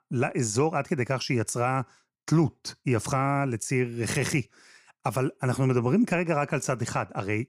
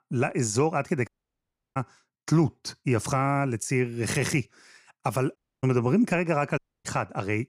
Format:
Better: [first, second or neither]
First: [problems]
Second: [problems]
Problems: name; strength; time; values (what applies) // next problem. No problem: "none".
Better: first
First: none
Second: audio cutting out; at 1 s for 0.5 s, at 5.5 s and at 6.5 s